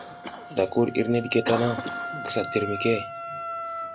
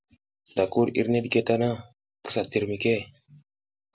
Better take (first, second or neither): second